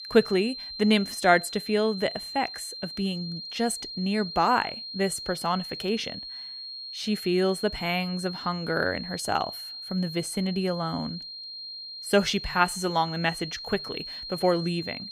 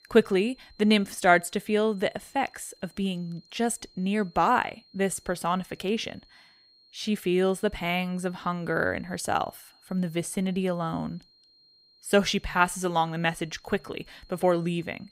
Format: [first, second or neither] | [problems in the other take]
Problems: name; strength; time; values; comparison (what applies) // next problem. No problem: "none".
second | high-pitched whine; loud; throughout; 4 kHz, 9 dB below the speech; faint in the second